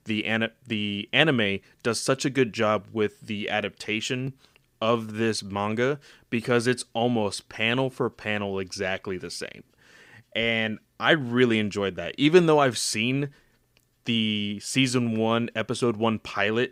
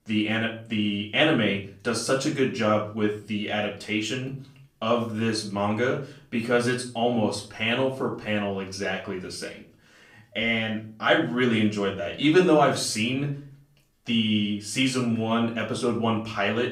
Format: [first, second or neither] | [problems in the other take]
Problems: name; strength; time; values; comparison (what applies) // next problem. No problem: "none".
first | off-mic speech; far // room echo; slight; dies away in 0.4 s